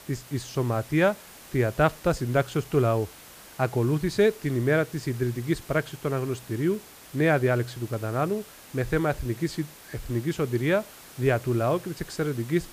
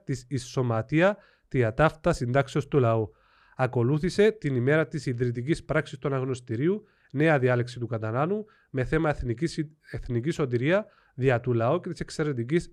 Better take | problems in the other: second | hiss; noticeable; throughout; 20 dB below the speech

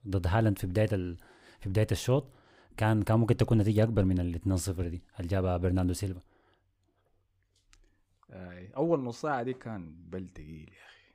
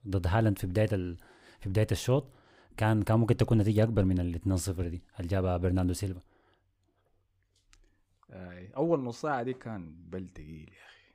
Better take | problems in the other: neither | none

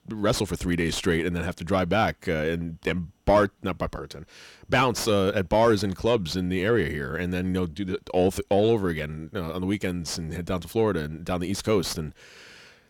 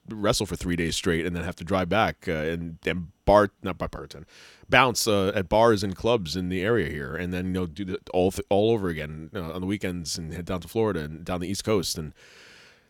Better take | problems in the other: second | distortion; slight; 10 dB below the speech

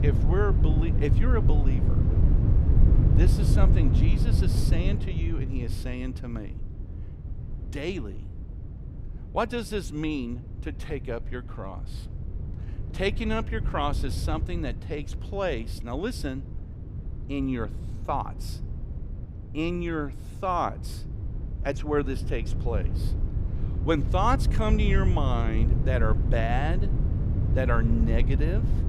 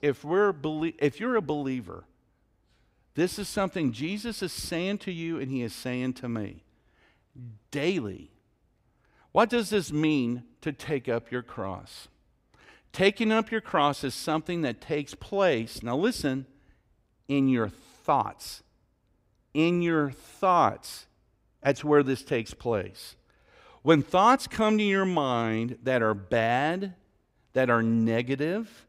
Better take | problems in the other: second | wind noise on the microphone; heavy; 9 dB below the speech

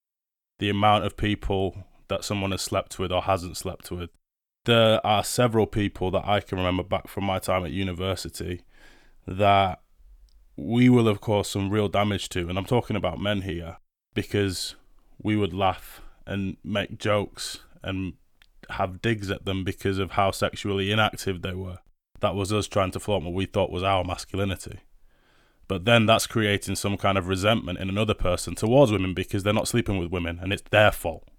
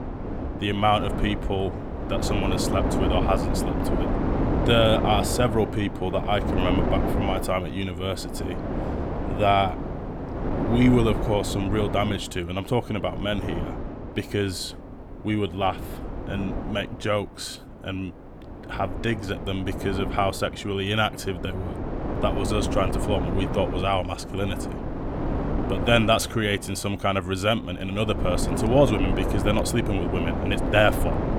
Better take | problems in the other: first | wind noise on the microphone; heavy; 6 dB below the speech

